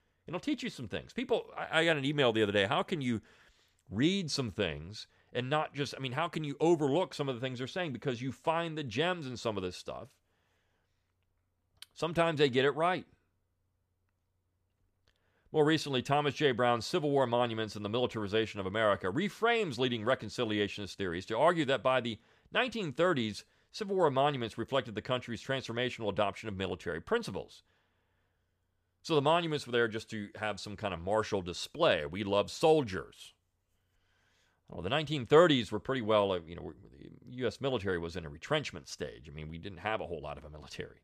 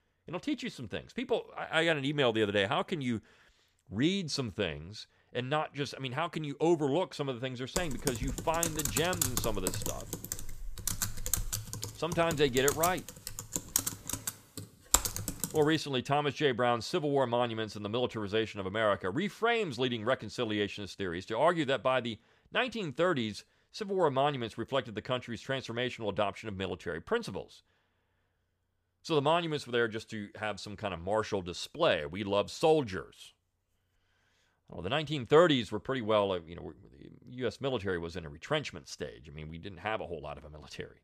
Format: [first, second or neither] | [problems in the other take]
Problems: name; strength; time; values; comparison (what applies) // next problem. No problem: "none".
first | keyboard typing; loud; from 8 to 15 s; peak 4 dB above the speech